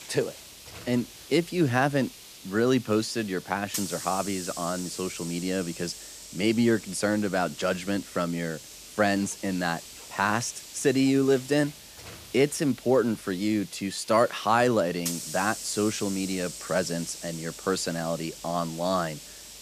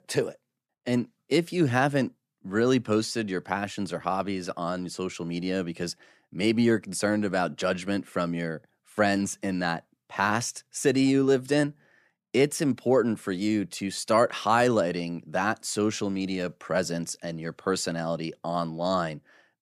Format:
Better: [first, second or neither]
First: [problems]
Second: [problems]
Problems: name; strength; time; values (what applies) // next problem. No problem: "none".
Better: second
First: hiss; noticeable; throughout; 10 dB below the speech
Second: none